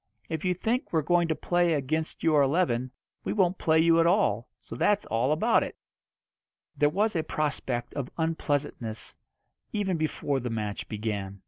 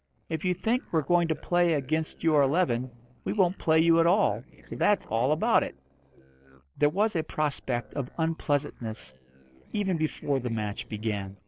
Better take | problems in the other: first | noise reduction (neural separator model SepFormer DNS4)

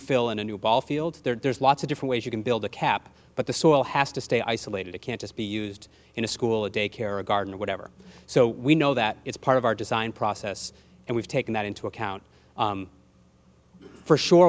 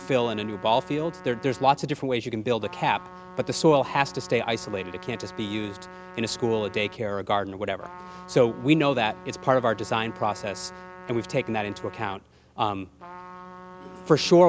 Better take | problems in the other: first | background sound (Trumpet); 18 dB below the speech

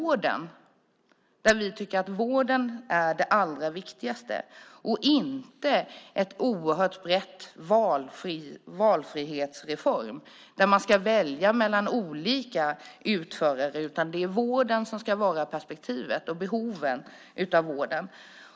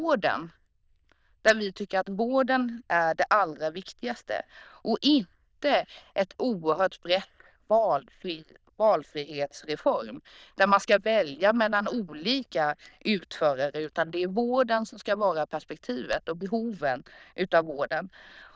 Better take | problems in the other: first | noise reduction (neural diffusion model UNIVERSE++)

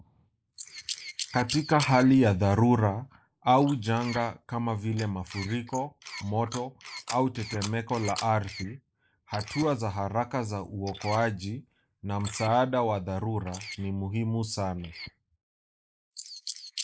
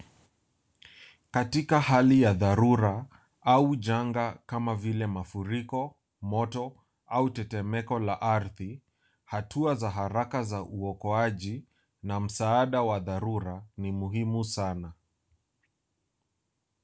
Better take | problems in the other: second | noise reduction (neural mask model Resemble Enhance denoiser)

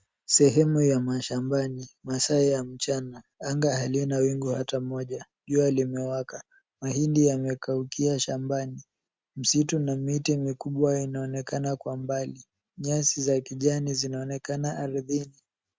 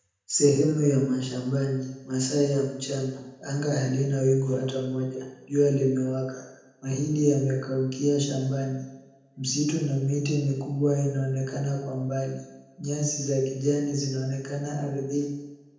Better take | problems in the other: first | room echo; dies away in 0.9 s

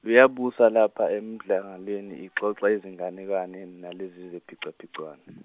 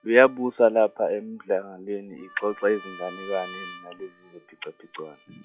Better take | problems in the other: first | noise reduction (classical method log-MMSE)

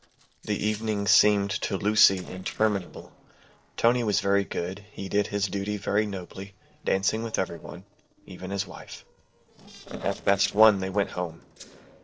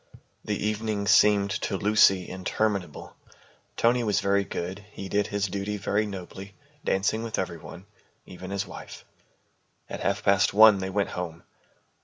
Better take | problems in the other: second | noise reduction (neural separator model SepFormer DNS4)

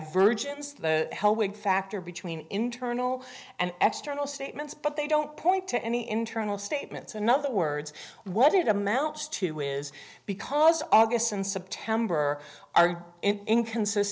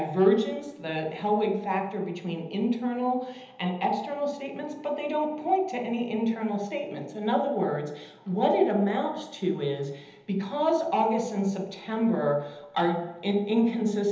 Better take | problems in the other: first | room echo; dies away in 0.9 s

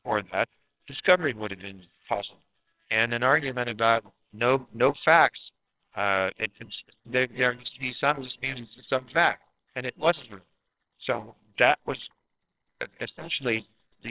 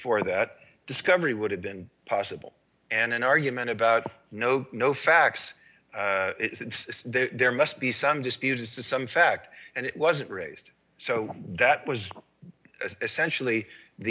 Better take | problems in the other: second | noise reduction (neural separator model SepFormer WHAMR!)

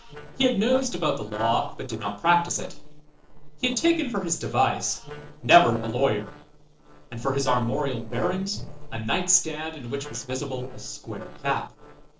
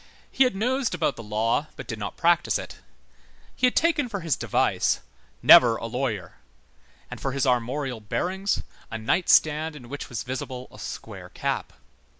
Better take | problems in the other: second | noise reduction (neural separator model SepFormer DNS4)

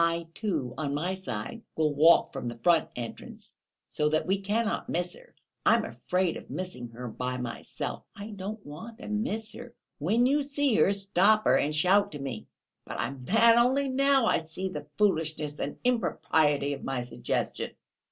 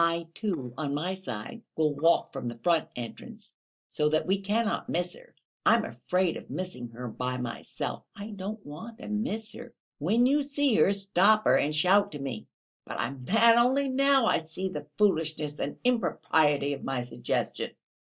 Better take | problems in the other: first | noise reduction (neural mask model DeepFilterNet 3)

